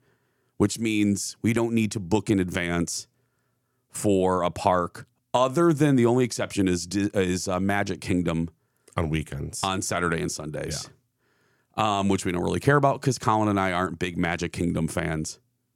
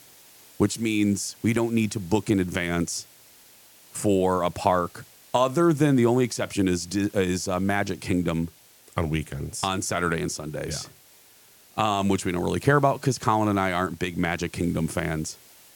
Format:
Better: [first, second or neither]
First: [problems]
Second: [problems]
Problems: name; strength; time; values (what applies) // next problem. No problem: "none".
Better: first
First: none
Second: hiss; faint; throughout; 25 dB below the speech